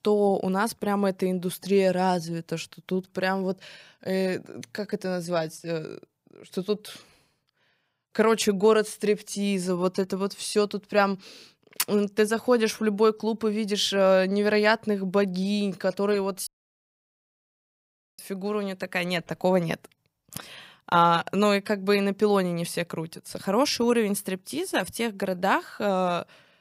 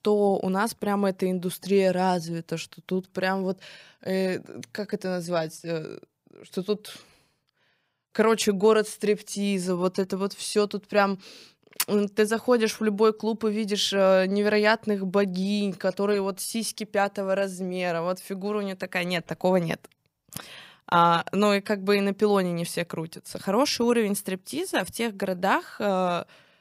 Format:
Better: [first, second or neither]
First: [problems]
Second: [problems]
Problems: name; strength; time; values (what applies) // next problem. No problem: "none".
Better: second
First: audio cutting out; at 16 s for 1.5 s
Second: none